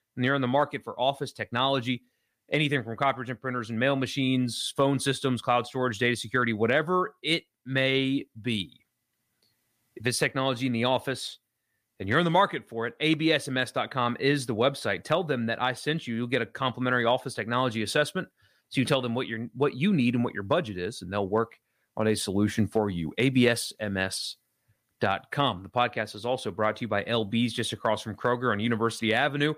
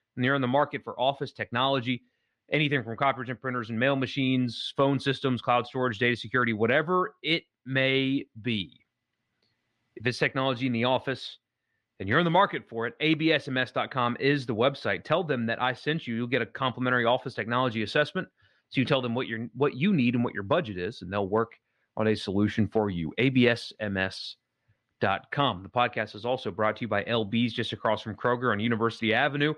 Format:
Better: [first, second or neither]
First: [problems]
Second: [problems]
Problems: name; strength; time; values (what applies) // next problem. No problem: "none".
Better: first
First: none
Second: muffled; very slightly; fading above 3 kHz